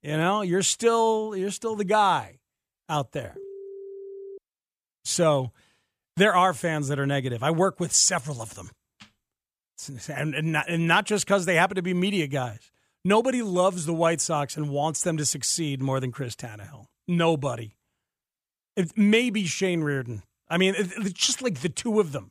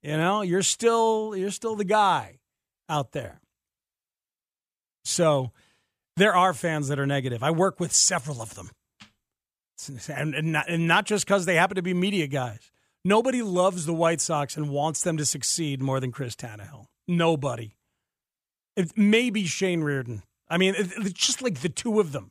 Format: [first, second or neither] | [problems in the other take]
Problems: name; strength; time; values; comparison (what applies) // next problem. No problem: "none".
second | phone ringing; faint; from 3.5 to 4.5 s; peak 15 dB below the speech